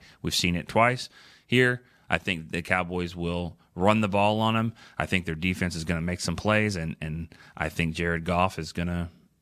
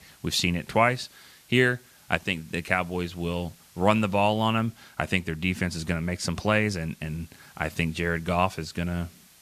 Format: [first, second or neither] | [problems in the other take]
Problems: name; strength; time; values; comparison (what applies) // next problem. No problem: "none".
first | hiss; faint; throughout; 25 dB below the speech